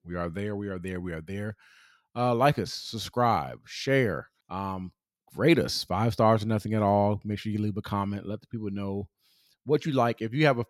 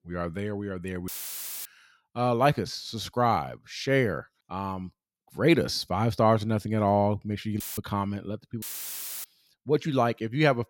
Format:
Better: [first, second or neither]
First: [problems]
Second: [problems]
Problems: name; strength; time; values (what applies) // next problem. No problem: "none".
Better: first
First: none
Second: audio cutting out; filled with static; at 1 s for 0.5 s, at 7.5 s and at 8.5 s for 0.5 s